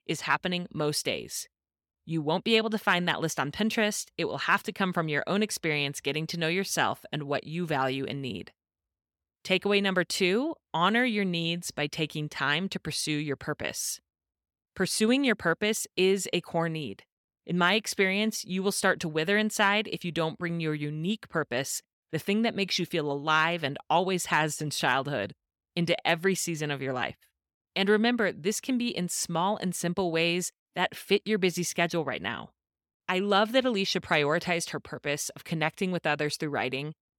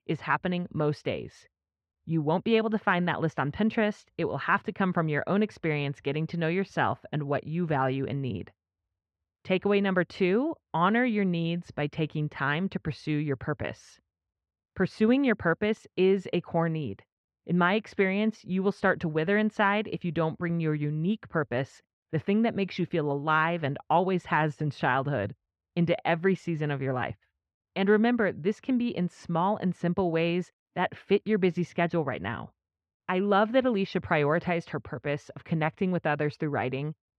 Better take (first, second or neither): first